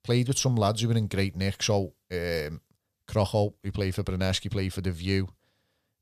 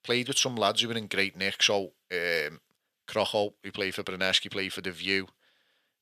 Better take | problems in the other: first | thin; somewhat; fading below 300 Hz

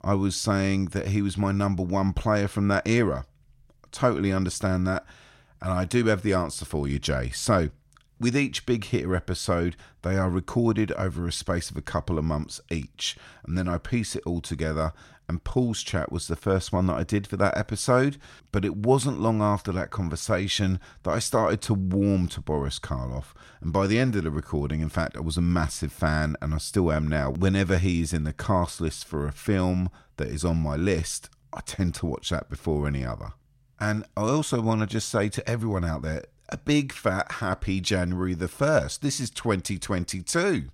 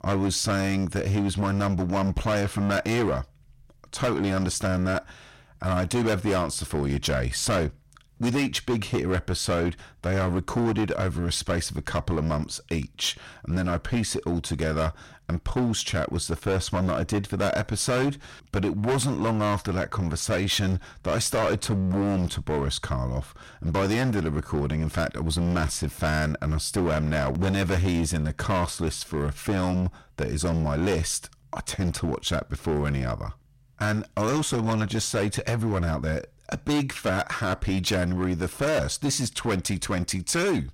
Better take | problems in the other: first | distortion; heavy; 16% of the sound clipped

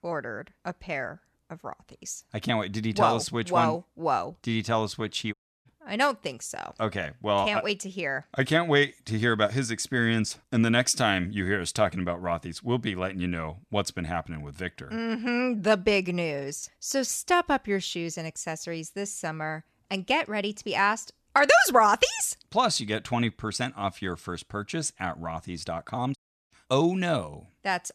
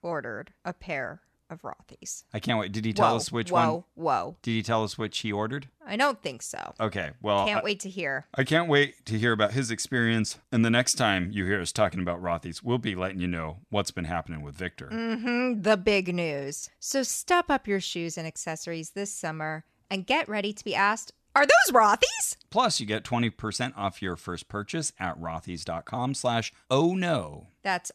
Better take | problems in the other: second | audio cutting out; at 5.5 s and at 26 s

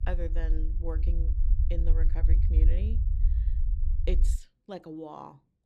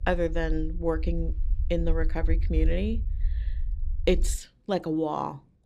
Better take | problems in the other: second | low rumble; loud; until 4.5 s; 7 dB below the speech; faint in the second

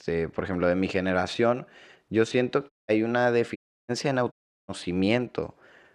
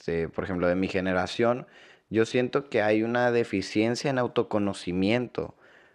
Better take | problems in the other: second | audio cutting out; at 2.5 s, at 3.5 s and at 4.5 s

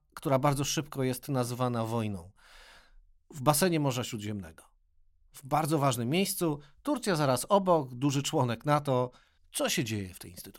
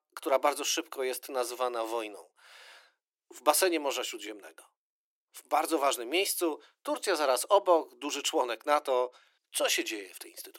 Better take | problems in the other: first | thin; very; fading below 350 Hz

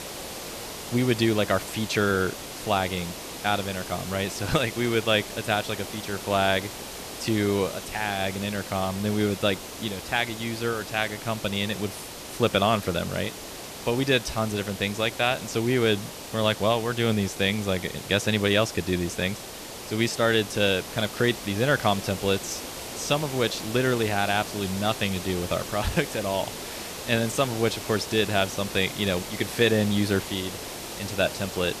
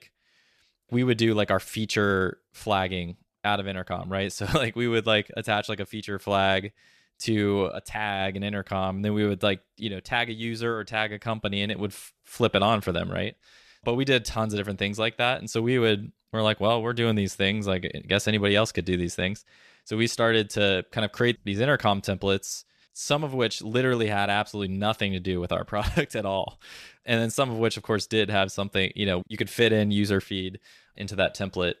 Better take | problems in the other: second | hiss; loud; throughout; 10 dB below the speech

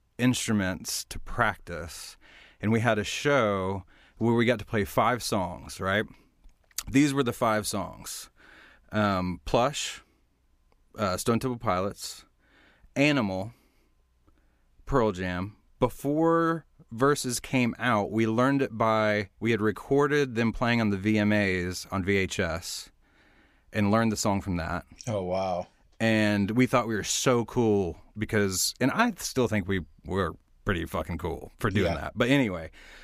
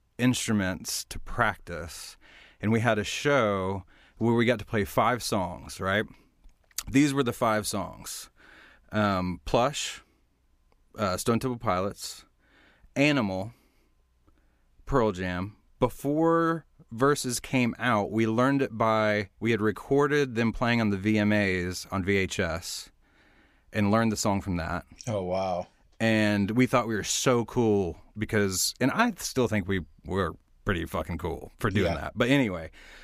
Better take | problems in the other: neither | none

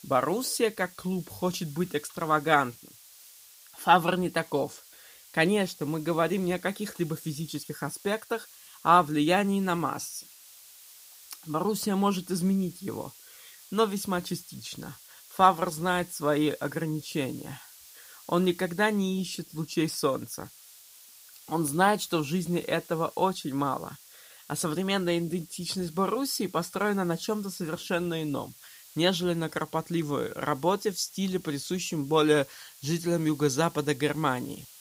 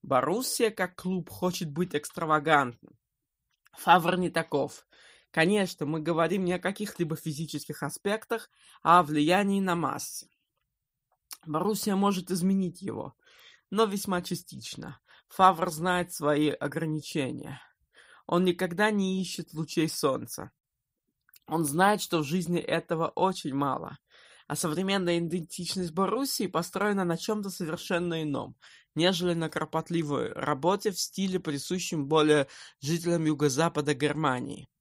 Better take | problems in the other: second | hiss; faint; throughout; 20 dB below the speech

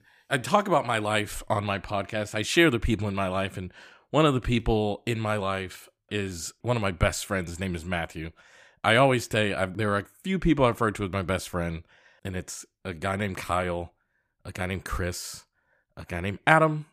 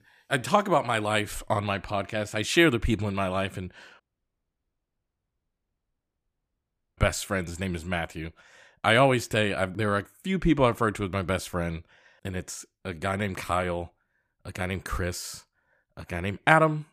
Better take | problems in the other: first | audio cutting out; at 4 s for 3 s

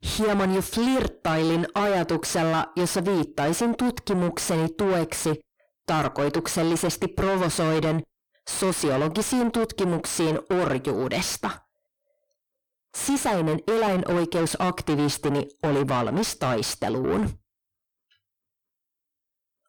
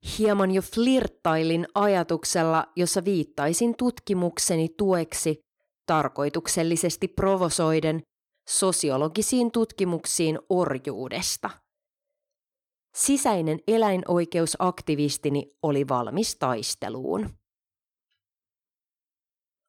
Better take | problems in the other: second | distortion; heavy; 5 dB below the speech

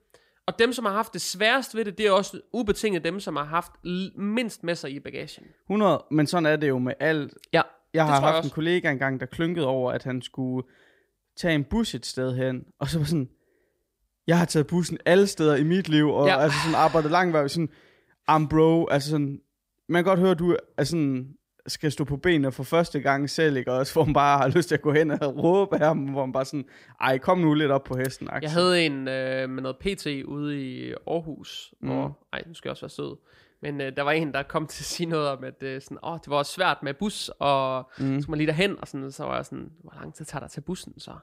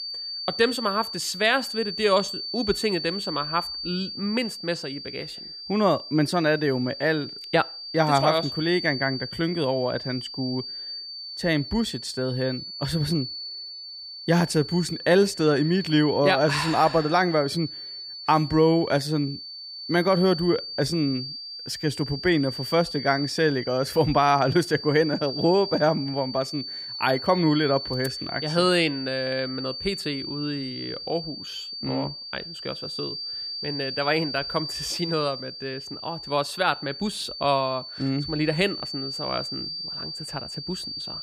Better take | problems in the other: first | high-pitched whine; loud; throughout; 4.5 kHz, 8 dB below the speech

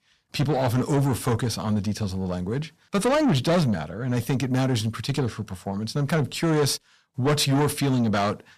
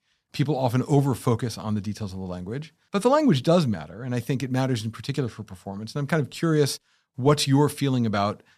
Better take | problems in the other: second | distortion; heavy; 7 dB below the speech

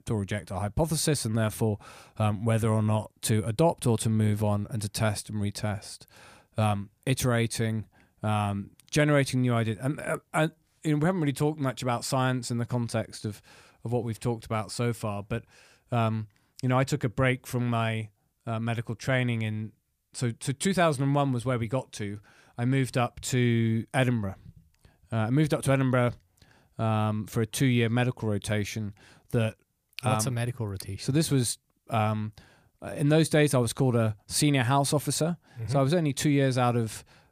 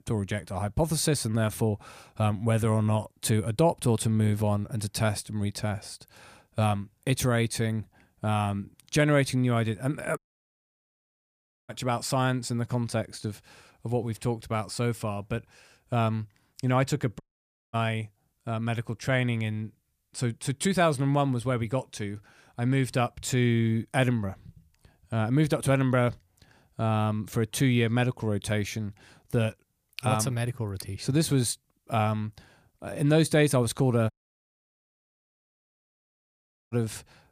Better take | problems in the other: first | audio cutting out; at 10 s for 1.5 s, at 17 s for 0.5 s and at 34 s for 2.5 s

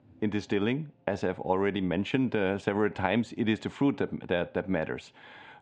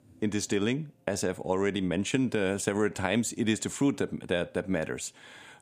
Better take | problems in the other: second | muffled; very; fading above 3.5 kHz

